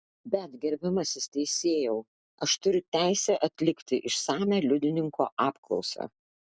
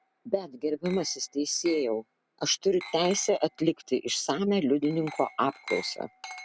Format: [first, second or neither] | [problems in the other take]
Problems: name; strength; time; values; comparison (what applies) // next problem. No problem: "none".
first | background sound (Glass); 17 dB below the speech